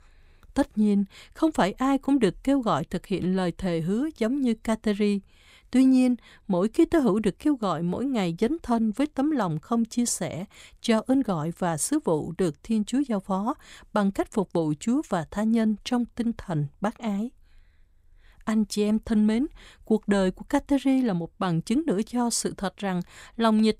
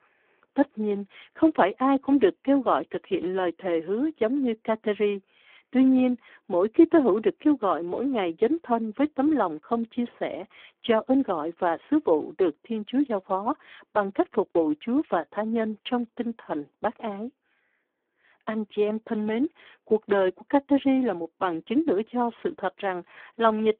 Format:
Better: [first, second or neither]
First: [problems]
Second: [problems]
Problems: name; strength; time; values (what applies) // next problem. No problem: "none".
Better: first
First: none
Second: phone-call audio; poor line